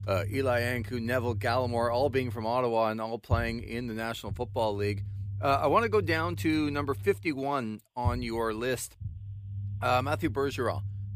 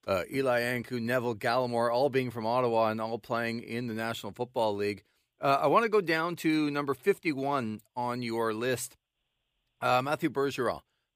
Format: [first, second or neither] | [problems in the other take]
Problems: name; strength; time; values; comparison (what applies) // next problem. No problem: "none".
second | low rumble; faint; throughout; 25 dB below the speech